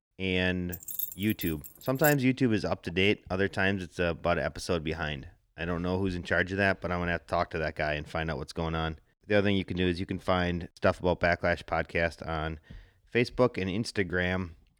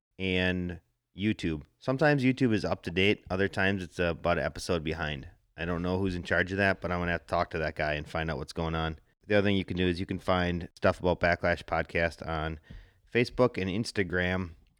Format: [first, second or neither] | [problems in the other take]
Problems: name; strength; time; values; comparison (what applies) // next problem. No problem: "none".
second | jangling keys; noticeable; from 0.5 to 2 s; peak 4 dB below the speech